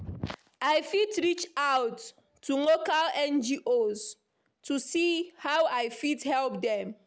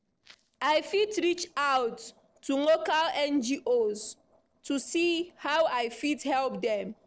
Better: first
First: none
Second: noise reduction (neural separator model SepFormer DNS4)

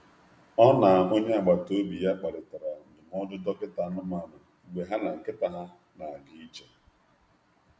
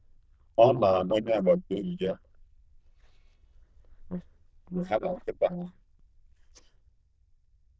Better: first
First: none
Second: noise reduction (neural diffusion model UNIVERSE++)

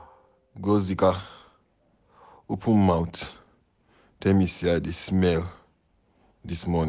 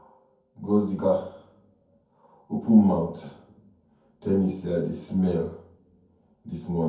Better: first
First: none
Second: room echo; dies away in 0.6 s

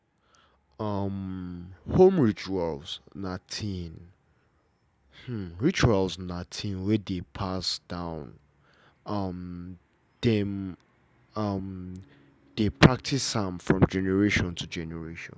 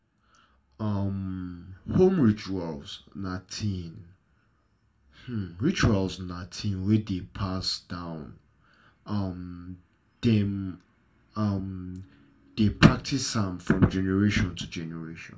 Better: first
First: none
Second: room echo; dies away in 0.2 s

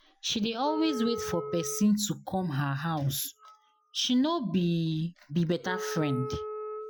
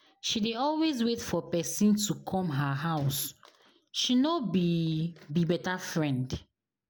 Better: second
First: noise reduction (classical method Wiener filter)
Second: none

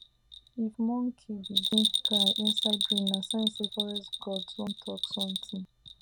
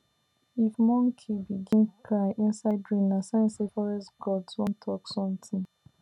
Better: second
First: background sound (Bell); 1 dB above the speech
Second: none

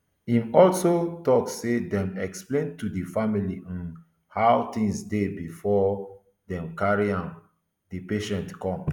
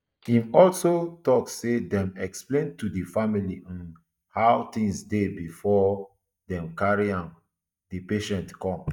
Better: first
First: none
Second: noise reduction (neural mask model DeepFilterNet 3)

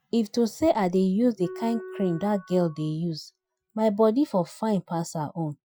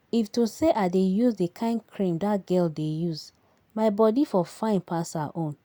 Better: second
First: noise reduction (classical method Wiener filter)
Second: none

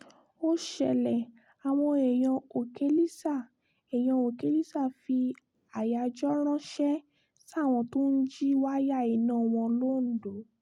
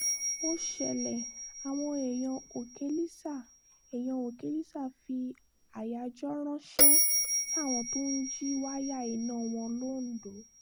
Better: first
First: none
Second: background sound (Bell); 2 dB above the speech

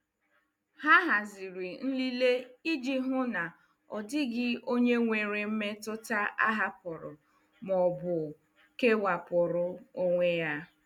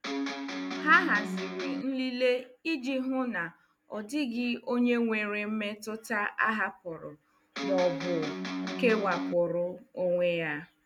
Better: first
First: none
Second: background sound (Electric guitar); 4 dB below the speech

